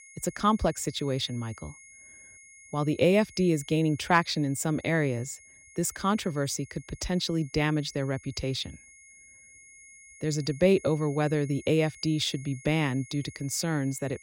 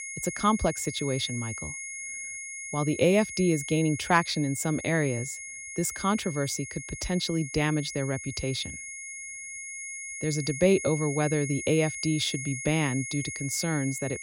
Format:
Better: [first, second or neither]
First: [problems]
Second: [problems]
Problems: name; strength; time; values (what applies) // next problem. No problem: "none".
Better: first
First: high-pitched whine; faint; throughout; 2 kHz, 20 dB below the speech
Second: high-pitched whine; loud; throughout; 2 kHz, 8 dB below the speech